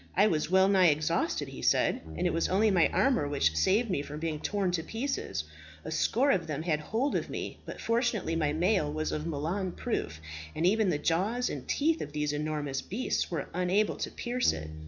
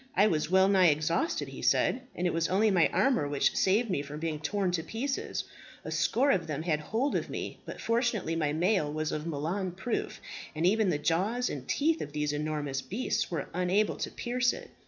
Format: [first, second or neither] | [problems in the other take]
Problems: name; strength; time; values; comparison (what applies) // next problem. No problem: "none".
second | background sound (Bass guitar); 15 dB below the speech